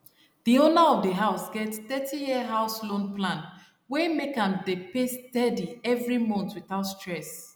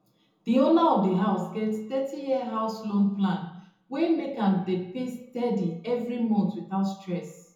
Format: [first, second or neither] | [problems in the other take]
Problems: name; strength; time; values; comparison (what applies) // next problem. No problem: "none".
first | room echo; dies away in 0.6 s